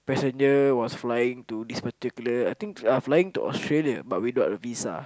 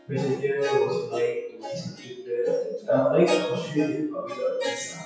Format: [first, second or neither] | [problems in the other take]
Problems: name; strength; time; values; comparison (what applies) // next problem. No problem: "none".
first | noise reduction (classical method WPE with log-MMSE)